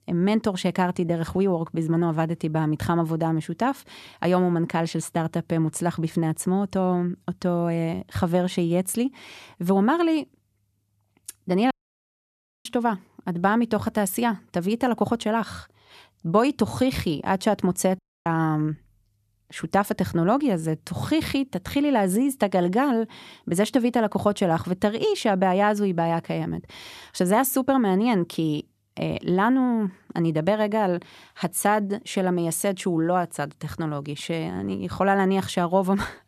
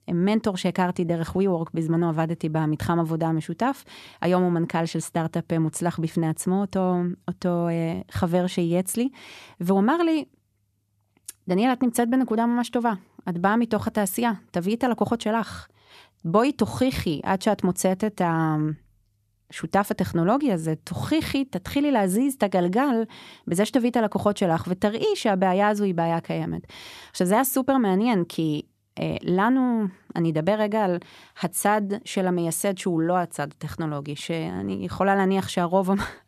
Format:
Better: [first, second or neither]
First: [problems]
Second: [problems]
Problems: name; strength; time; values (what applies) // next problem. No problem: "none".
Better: second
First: audio cutting out; at 12 s for 1 s and at 18 s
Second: none